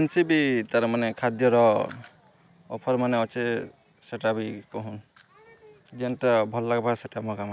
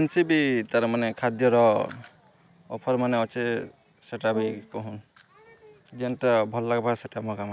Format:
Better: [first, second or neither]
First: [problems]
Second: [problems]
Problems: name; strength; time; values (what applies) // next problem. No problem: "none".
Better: first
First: none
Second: background sound (Brass instrument); 12 dB below the speech